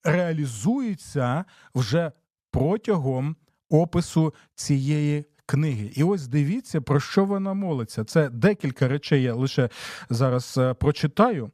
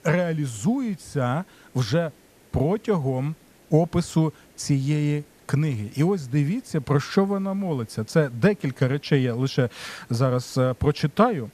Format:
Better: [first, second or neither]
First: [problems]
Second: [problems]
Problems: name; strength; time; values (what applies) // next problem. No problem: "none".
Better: first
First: none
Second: hiss; faint; throughout; 30 dB below the speech